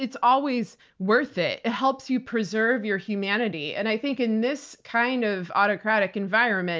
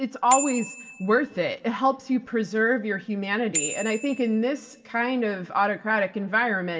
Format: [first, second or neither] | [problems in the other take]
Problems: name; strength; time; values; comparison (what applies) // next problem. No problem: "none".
first | background sound (Bicycle bell); 11 dB below the speech // room echo; dies away in 2.4 s